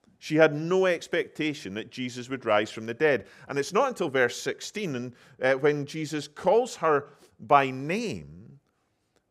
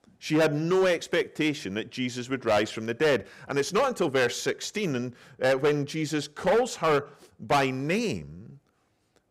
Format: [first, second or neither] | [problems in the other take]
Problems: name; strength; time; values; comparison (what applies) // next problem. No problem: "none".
first | distortion; heavy; 7% of the sound clipped